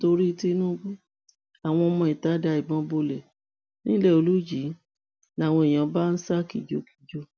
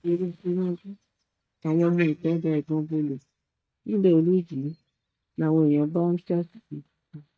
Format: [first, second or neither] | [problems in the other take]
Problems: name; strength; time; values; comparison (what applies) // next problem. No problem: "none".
first | noise reduction (neural mask model DeepFilterNet 3)